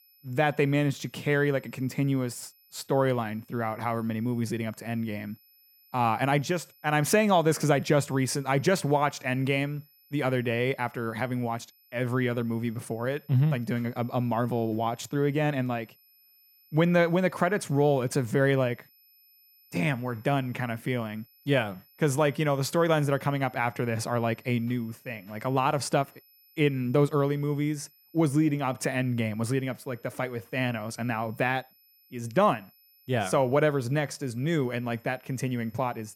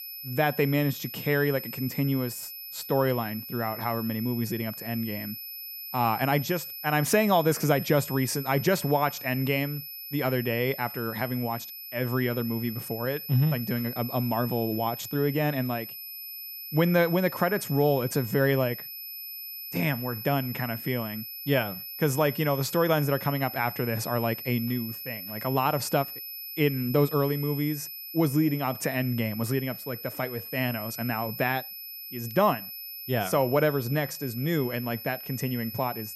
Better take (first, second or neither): first